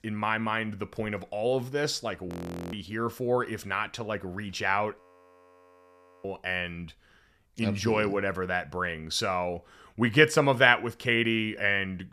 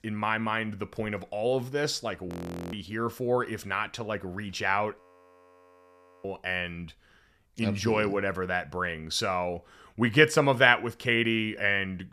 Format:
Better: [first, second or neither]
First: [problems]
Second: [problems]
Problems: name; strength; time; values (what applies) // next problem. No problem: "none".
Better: neither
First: audio freezing; at 2.5 s and at 5 s for 1.5 s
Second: audio freezing; at 2.5 s and at 5 s for 1.5 s